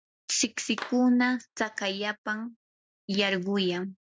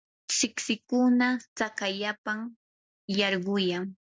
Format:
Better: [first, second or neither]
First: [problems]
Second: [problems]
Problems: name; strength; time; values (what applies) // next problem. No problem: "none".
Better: second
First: noise reduction (neural mask model RNNoise)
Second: none